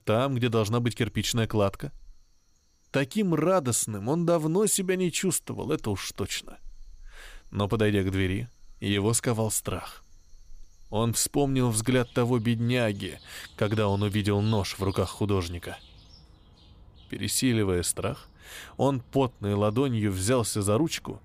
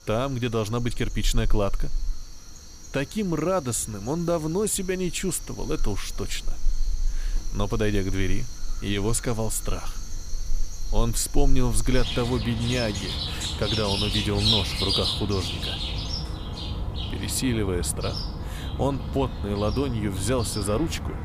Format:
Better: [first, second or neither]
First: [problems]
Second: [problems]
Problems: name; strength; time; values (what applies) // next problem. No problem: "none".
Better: first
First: animal sounds; faint; throughout; 25 dB below the speech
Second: animal sounds; loud; throughout; 3 dB below the speech